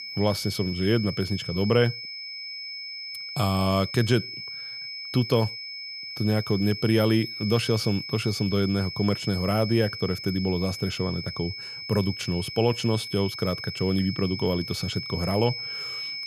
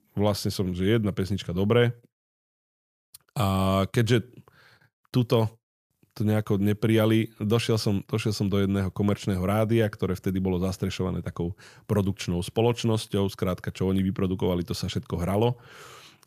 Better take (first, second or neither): second